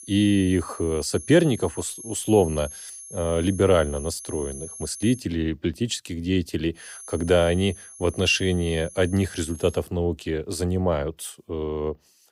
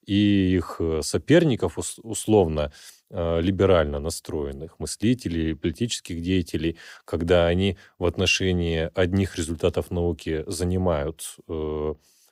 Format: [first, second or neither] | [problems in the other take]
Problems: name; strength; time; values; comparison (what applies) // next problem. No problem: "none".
second | high-pitched whine; noticeable; until 5 s and from 7 to 10 s; 11 kHz, 15 dB below the speech